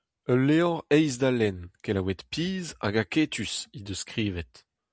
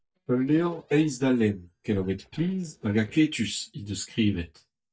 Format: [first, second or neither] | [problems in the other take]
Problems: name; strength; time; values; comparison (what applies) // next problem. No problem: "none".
first | noise reduction (neural mask model DeepFilterNet 3)